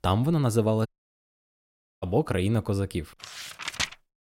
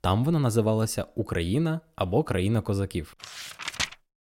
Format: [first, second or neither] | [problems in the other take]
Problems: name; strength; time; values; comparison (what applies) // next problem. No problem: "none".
second | audio cutting out; at 1 s for 1 s